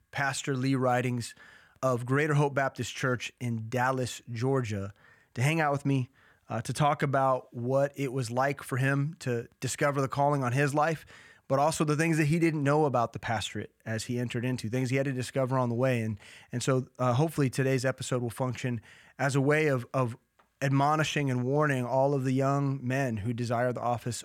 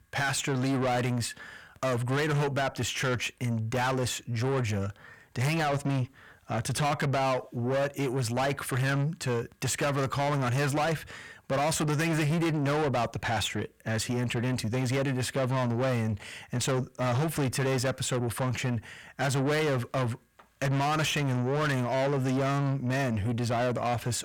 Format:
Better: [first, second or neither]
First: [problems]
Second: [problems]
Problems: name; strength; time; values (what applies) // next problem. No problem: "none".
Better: first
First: none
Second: distortion; heavy; 7 dB below the speech